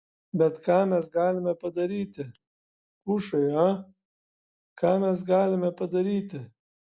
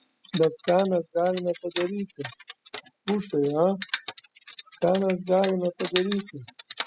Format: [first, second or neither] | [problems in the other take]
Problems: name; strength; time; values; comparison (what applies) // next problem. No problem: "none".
first | noise reduction (classical method spectral subtraction)